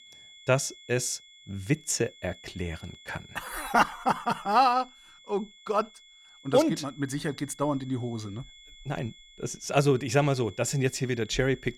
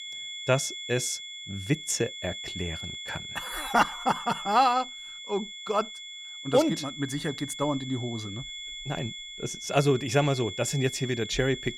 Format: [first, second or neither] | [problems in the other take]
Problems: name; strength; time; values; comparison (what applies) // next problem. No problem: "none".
first | high-pitched whine; loud; throughout; 3.5 kHz, 9 dB below the speech; faint in the first